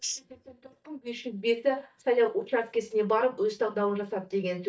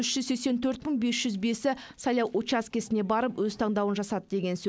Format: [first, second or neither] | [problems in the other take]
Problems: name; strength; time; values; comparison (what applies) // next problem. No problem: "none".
second | noise reduction (neural mask model DeepFilterNet 3)